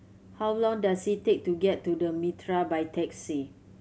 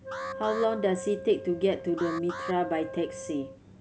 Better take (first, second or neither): first